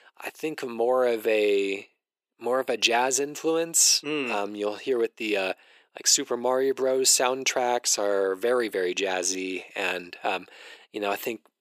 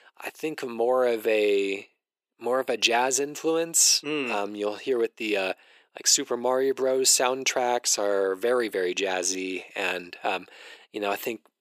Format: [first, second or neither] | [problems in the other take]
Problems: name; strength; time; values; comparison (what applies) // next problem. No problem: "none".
neither | thin; very; fading below 350 Hz; the same in both